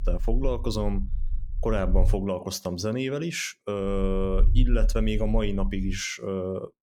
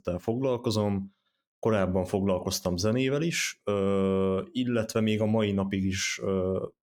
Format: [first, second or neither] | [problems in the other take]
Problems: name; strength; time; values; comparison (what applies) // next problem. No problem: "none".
second | low rumble; faint; until 2 s and from 4 to 6 s; 20 dB below the speech